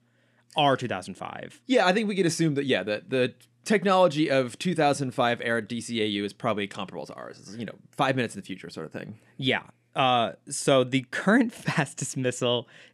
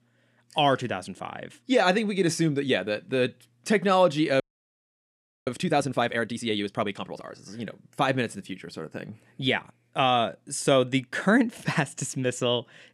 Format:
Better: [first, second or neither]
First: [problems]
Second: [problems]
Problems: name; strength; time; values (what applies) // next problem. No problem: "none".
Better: first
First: none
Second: audio freezing; at 4.5 s for 1 s